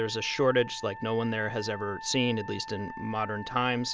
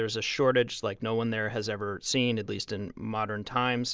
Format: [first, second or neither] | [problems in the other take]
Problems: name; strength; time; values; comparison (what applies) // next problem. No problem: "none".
second | background sound (Wind instrument, woodwind instrument); 13 dB below the speech